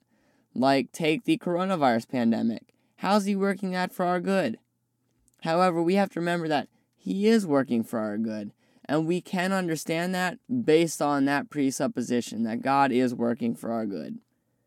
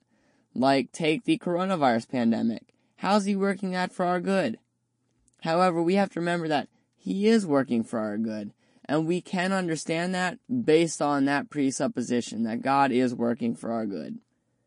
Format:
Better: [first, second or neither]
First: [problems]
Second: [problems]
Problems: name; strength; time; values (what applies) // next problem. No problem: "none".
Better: first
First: none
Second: garbled, watery; slightly; nothing above 10.5 kHz